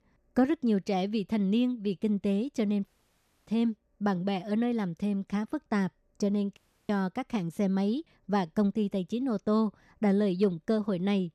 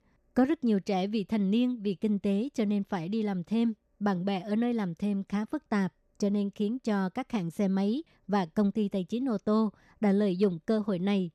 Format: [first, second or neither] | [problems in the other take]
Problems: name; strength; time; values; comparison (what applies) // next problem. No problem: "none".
second | audio cutting out; at 3 s for 0.5 s and at 6.5 s